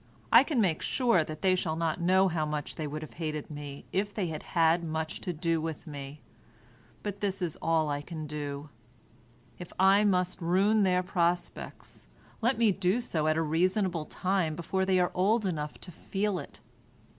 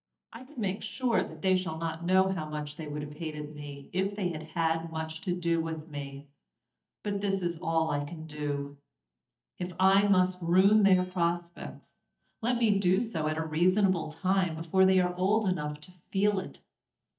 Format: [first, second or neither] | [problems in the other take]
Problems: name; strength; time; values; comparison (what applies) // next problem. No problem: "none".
first | noise reduction (neural mask model DeepFilterNet 3)